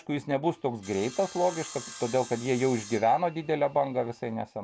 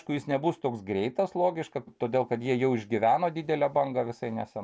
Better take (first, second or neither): second